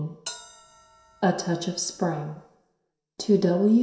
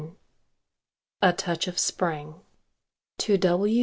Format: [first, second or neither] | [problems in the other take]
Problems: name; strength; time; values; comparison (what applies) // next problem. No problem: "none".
second | background sound (Bell); 19 dB below the speech // room echo; dies away in 0.7 s